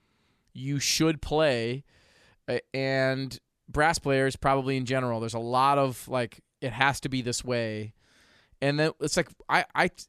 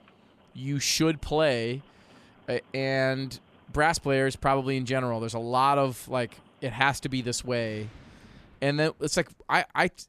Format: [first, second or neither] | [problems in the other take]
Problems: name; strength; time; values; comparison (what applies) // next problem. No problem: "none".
first | rain or running water; faint; throughout; 30 dB below the speech